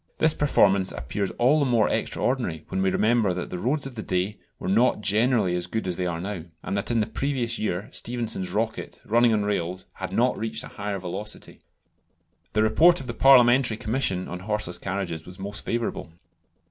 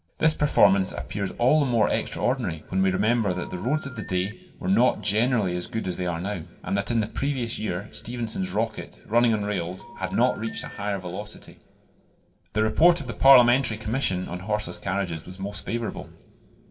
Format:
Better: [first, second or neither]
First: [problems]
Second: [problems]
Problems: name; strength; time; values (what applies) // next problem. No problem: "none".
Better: first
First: none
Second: background sound (Telephone); 18 dB below the speech // room echo; dies away in 2.1 s